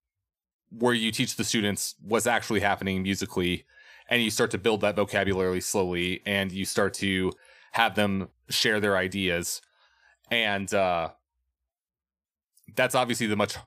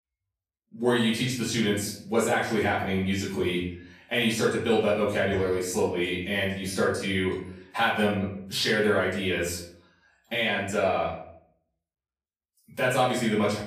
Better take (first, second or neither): first